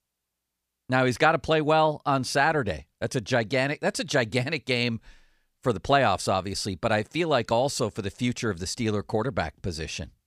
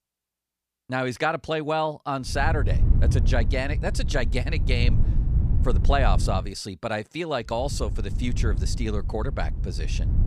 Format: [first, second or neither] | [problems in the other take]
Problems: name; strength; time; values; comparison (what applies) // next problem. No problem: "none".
first | wind noise on the microphone; occasional gusts; from 2.5 to 6.5 s and from 7.5 s on; 15 dB below the speech